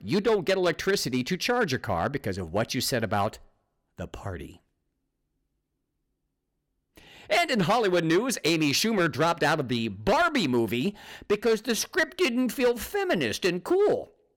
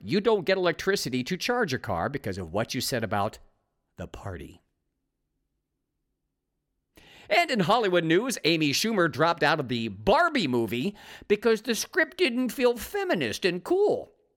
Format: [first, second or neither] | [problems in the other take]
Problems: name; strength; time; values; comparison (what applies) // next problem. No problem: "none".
second | distortion; slight; 4% of the sound clipped